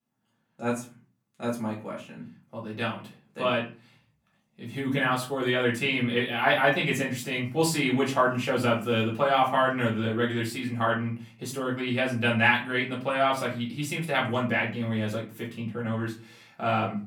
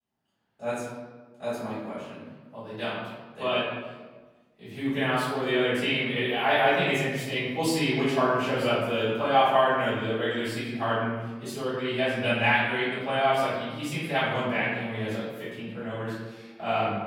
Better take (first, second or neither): first